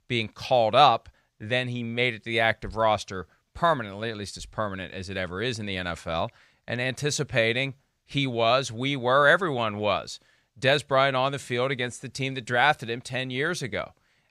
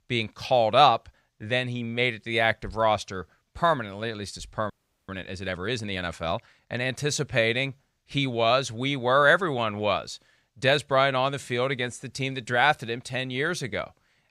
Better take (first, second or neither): first